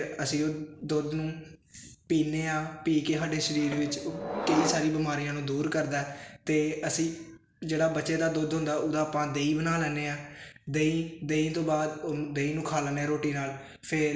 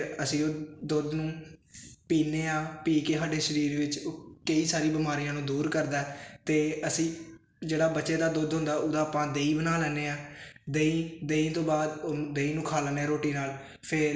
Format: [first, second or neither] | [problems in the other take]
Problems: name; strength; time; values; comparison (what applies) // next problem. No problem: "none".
second | background sound (Subway, metro, underground); 5 dB below the speech